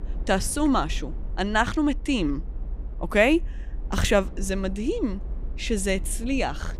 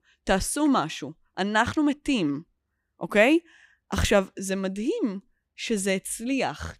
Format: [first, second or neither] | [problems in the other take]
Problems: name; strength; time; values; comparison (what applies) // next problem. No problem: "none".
second | low rumble; faint; throughout; 25 dB below the speech